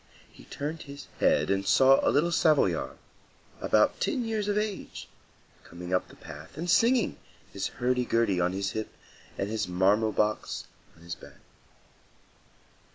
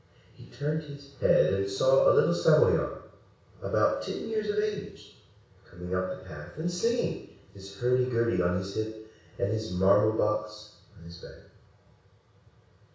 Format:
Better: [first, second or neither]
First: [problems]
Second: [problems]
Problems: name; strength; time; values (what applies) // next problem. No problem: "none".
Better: first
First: none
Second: room echo; dies away in 0.6 s